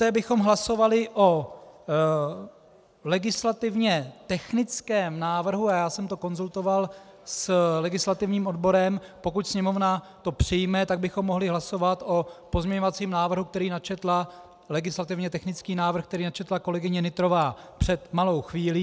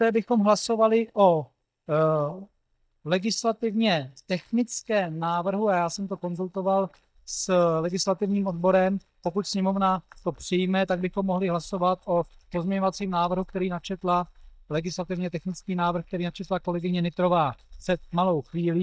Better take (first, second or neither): first